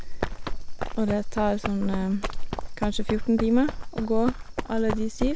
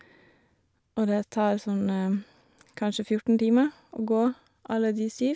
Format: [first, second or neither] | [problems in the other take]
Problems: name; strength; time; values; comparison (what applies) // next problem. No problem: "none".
second | background sound (Run); 1 dB below the speech